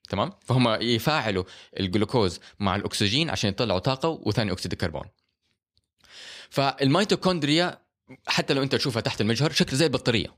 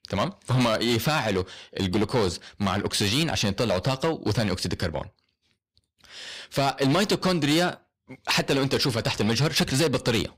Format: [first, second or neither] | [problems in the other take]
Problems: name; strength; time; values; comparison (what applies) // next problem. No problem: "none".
first | distortion; heavy; 10% of the sound clipped